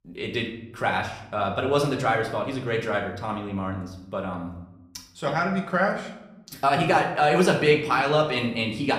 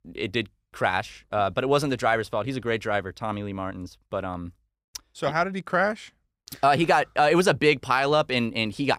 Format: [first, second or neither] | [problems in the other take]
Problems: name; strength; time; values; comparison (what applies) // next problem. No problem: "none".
second | room echo; slight; dies away in 0.7 s // off-mic speech; somewhat distant